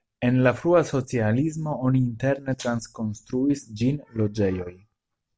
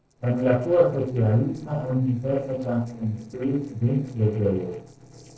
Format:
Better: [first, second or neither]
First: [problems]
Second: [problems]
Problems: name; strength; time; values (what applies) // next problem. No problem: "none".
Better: first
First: none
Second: noise reduction (neural separator model SepFormer DNS4)